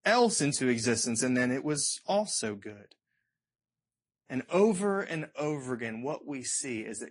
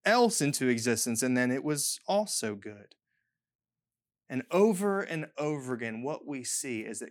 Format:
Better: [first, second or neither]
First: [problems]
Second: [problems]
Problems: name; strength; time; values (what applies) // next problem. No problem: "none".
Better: second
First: garbled, watery; slightly; nothing above 10.5 kHz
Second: none